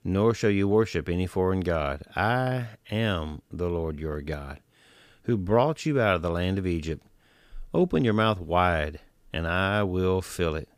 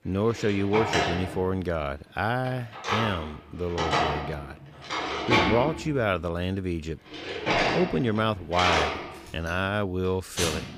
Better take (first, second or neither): first